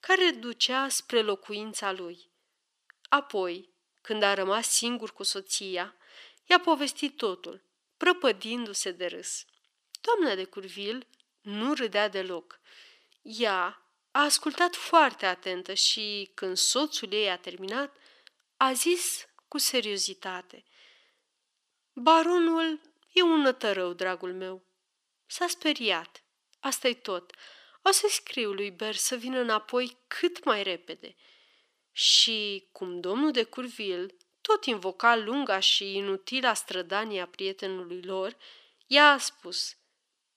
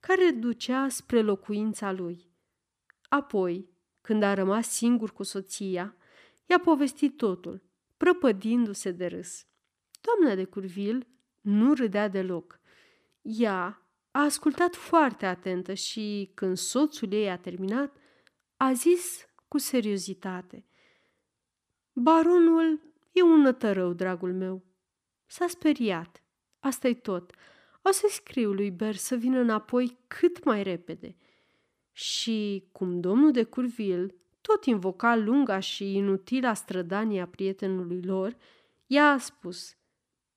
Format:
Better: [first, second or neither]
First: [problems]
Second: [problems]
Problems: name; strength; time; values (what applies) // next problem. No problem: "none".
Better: second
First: thin; somewhat; fading below 500 Hz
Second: none